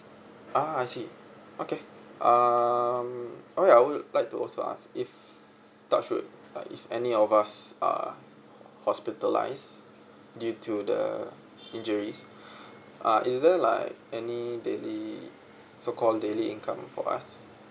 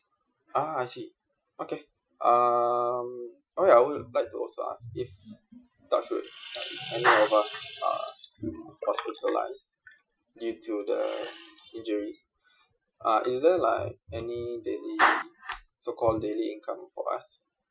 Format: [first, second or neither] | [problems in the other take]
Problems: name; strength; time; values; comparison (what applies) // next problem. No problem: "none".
first | noise reduction (classical method Wiener filter)